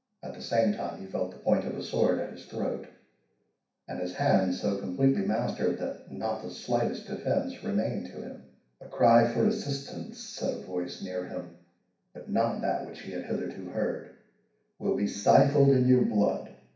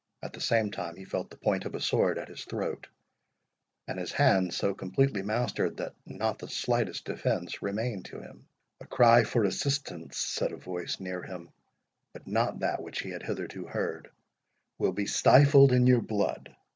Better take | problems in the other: second | room echo; dies away in 0.6 s

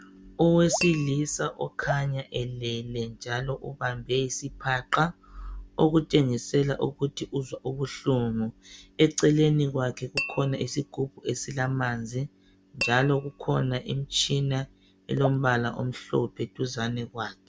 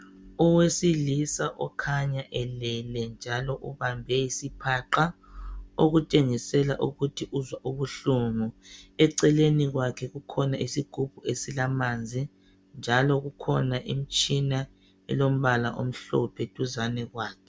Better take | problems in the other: second | background sound (Raindrop / Drip + Tap / Glass); 9 dB below the speech

